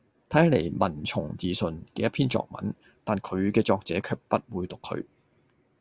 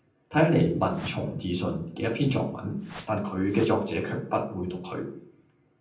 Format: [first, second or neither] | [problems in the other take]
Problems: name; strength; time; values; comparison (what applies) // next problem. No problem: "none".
first | background sound (Whoosh, swoosh, swish); 18 dB below the speech // room echo; dies away in 0.6 s